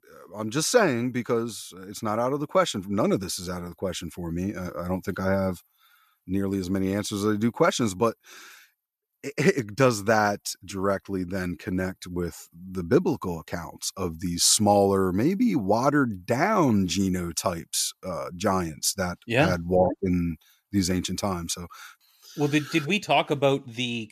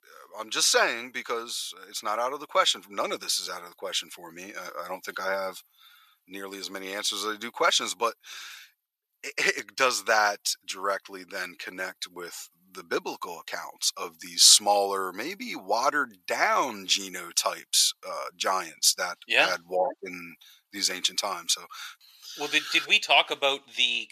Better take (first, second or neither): first